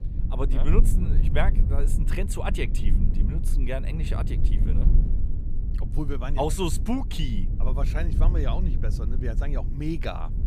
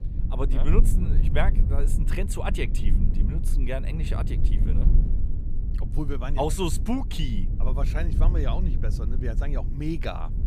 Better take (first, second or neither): neither